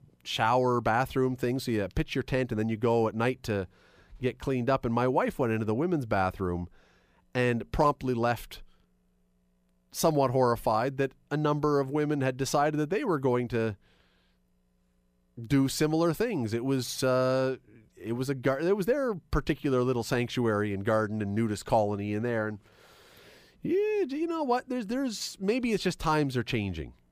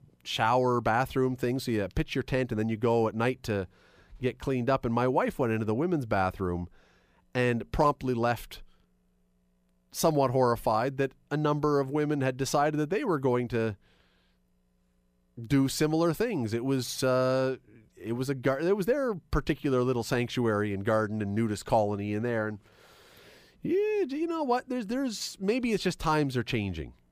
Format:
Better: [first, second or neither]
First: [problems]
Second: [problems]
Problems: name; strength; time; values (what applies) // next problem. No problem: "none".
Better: neither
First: none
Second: none